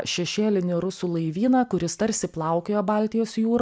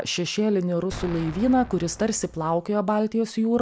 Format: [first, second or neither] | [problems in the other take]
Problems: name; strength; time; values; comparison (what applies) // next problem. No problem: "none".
first | background sound (Explosion); 16 dB below the speech